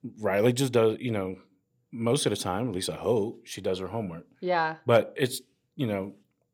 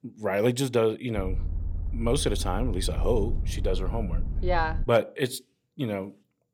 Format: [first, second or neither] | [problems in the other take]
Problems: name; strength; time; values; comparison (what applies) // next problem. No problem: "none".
first | low rumble; faint; from 1 to 5 s; 20 dB below the speech